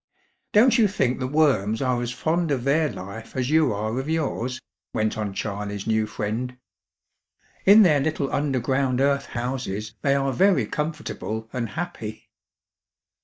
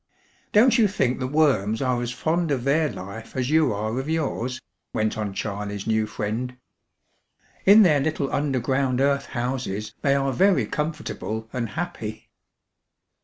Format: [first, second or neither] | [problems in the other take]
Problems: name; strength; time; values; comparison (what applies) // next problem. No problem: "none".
second | noise reduction (neural mask model DeepFilterNet 3)